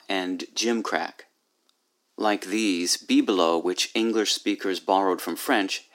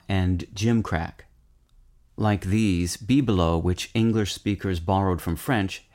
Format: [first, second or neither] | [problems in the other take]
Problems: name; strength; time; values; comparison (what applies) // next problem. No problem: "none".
second | thin; somewhat; fading below 250 Hz